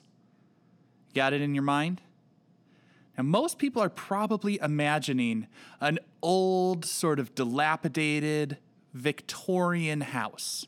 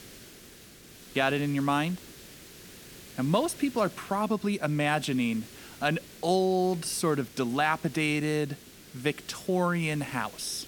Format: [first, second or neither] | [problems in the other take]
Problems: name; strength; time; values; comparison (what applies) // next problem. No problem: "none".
first | hiss; noticeable; throughout; 20 dB below the speech